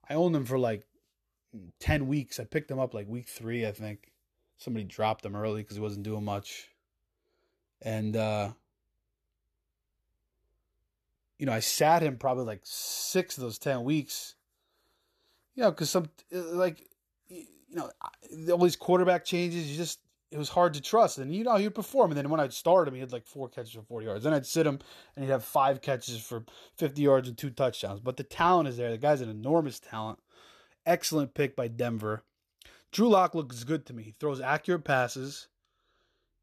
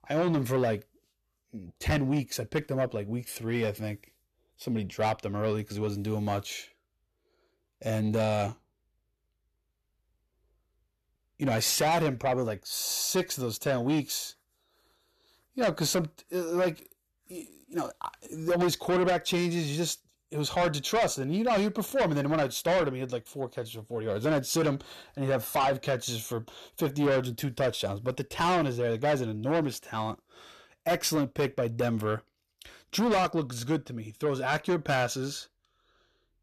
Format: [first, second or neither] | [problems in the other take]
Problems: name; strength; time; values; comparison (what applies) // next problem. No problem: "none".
first | distortion; heavy; 7 dB below the speech